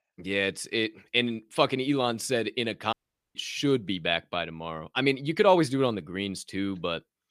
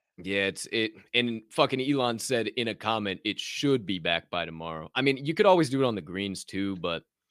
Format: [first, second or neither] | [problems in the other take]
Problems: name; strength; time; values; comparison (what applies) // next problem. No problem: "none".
second | audio cutting out; at 3 s